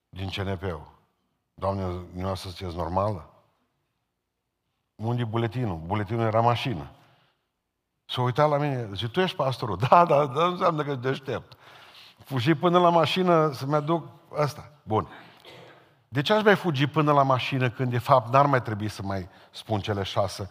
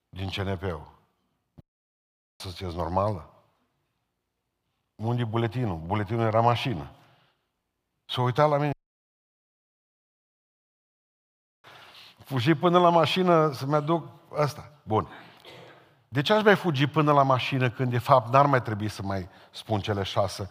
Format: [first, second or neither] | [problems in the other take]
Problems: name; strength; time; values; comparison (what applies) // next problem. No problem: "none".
first | audio cutting out; at 1.5 s for 1 s and at 8.5 s for 3 s